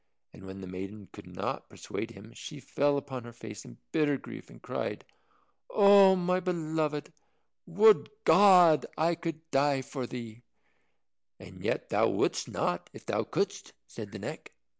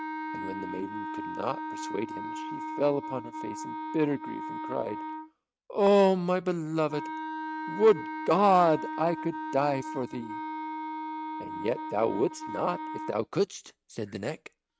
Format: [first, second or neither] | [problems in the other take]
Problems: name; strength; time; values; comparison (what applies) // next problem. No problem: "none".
first | noise reduction (neural mask model RNNoise)